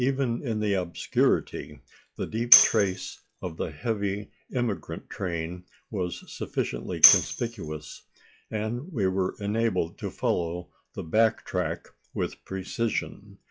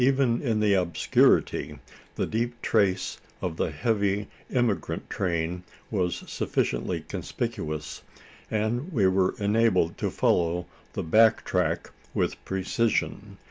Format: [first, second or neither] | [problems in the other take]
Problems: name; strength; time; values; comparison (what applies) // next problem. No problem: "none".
second | noise reduction (classical method log-MMSE)